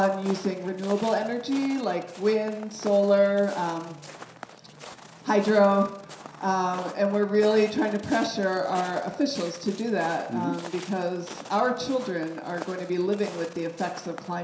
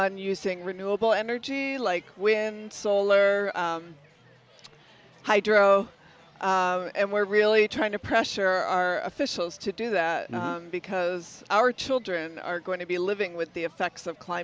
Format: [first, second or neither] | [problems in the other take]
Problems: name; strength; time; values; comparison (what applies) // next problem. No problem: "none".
second | background sound (Walk, footsteps); 17 dB below the speech // room echo; dies away in 0.7 s